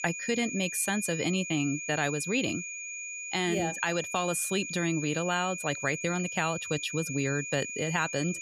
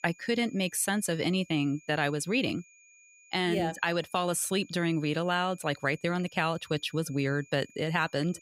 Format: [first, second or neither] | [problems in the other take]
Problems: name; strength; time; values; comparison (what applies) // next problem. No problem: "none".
second | high-pitched whine; loud; throughout; 2.5 kHz, 5 dB below the speech; faint in the second